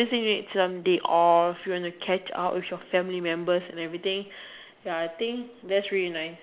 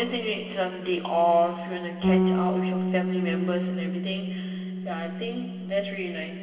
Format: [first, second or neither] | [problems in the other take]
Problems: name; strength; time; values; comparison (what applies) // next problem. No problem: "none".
first | background sound (Bass guitar); as loud as the speech // room echo; dies away in 2.5 s